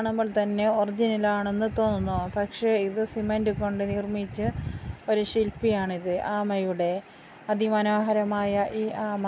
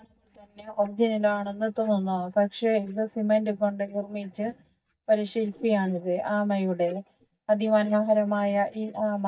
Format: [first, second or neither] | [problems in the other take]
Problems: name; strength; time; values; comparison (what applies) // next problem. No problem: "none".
first | noise reduction (neural mask model DeepFilterNet 3)